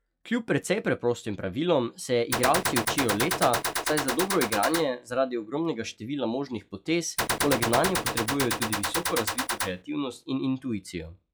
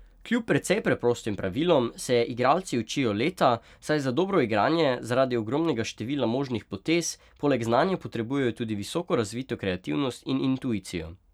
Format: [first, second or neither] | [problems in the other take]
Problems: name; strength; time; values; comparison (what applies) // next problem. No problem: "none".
second | noise reduction (classical method log-MMSE)